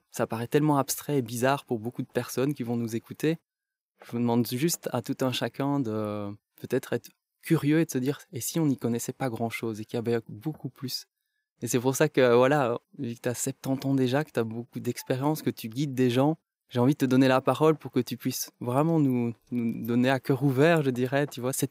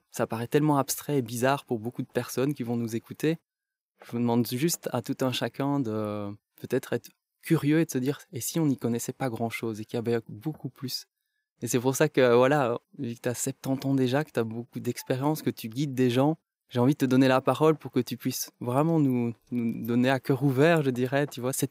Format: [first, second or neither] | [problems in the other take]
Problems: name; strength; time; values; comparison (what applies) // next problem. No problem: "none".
neither | none